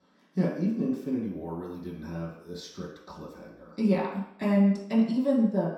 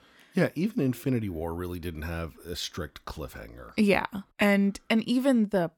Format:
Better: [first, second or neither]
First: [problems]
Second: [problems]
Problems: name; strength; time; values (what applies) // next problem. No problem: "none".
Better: second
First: room echo; noticeable; dies away in 0.7 s // off-mic speech; far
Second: none